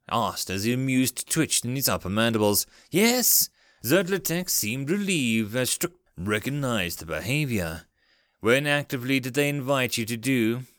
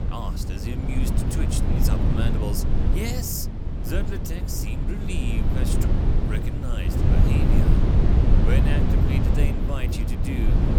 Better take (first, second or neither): first